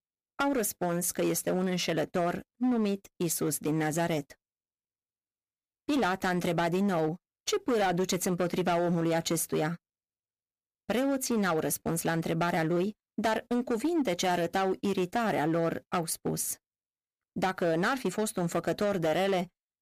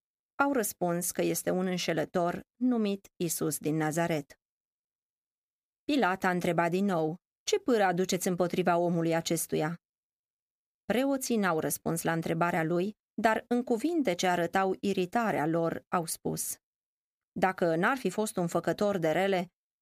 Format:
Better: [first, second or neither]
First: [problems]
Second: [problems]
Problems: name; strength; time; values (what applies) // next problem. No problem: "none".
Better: second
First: distortion; slight; 10% of the sound clipped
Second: none